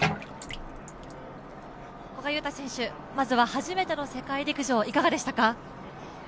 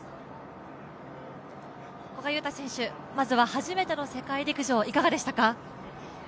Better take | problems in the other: second | background sound (Bathtub (filling or washing)); 10 dB below the speech

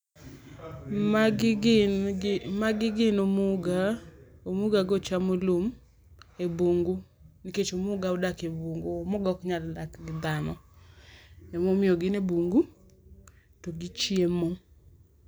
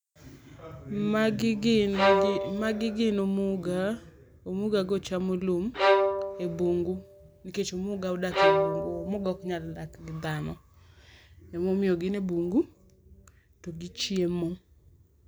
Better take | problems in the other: first | background sound (Bowed string instrument); 1 dB above the speech

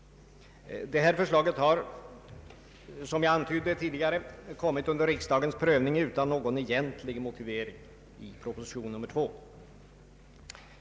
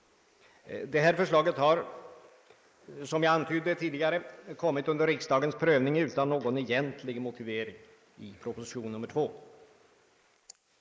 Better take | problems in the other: first | noise reduction (neural mask model Resemble Enhance denoiser)

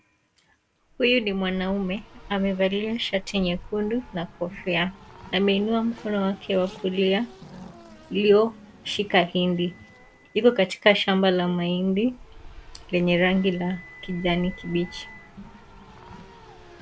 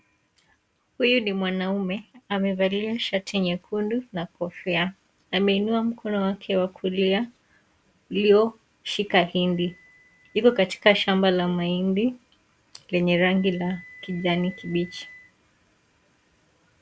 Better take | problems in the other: second | background sound (Race car, auto racing); 20 dB below the speech

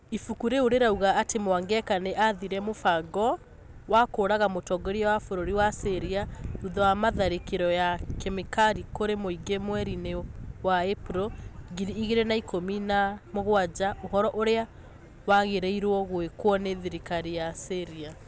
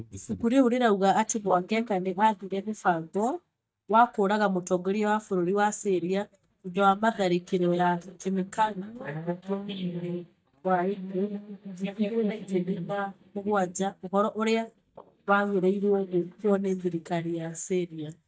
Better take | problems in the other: first | noise reduction (neural mask model DeepFilterNet 3)

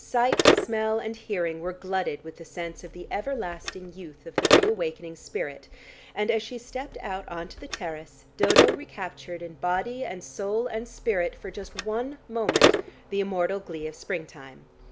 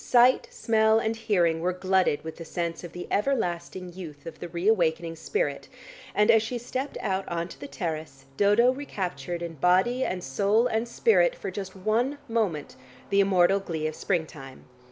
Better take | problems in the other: second | background sound (Telephone); 1 dB above the speech

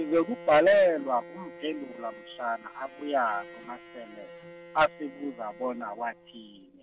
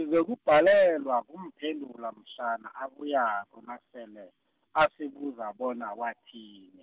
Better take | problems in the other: second | background sound (Bowed string instrument); 18 dB below the speech

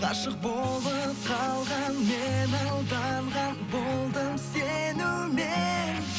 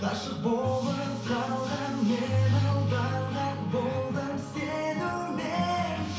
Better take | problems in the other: first | room echo; dies away in 0.6 s

